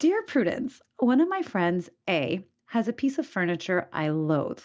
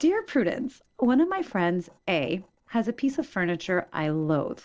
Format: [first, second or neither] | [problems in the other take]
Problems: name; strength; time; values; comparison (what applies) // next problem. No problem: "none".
first | noise reduction (neural separator model SepFormer DNS4)